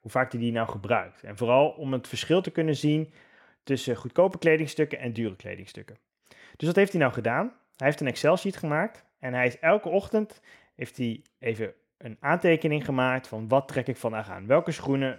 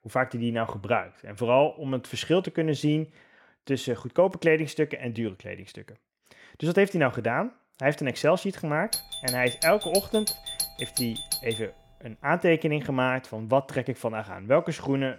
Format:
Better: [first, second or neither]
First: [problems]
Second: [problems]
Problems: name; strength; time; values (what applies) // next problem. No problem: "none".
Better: first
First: none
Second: doorbell; noticeable; from 9 to 12 s; peak 2 dB below the speech